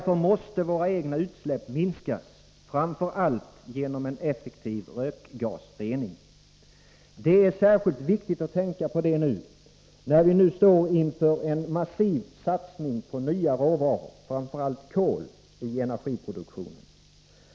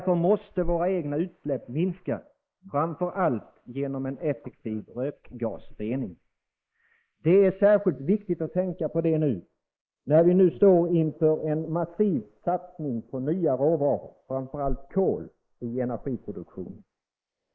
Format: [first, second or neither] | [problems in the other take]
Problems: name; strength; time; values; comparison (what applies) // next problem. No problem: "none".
first | noise reduction (neural mask model Resemble Enhance denoiser)